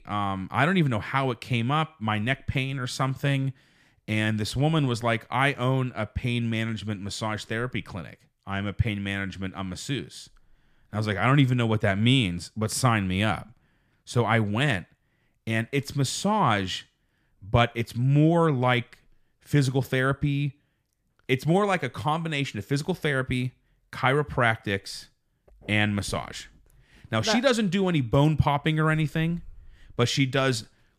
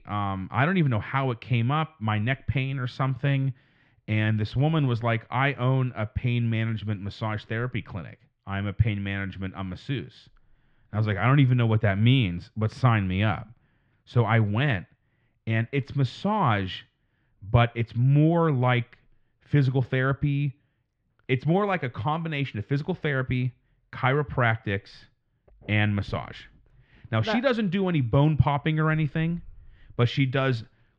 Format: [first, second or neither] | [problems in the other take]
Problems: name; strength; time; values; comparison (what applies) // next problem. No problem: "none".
first | muffled; slightly; fading above 3 kHz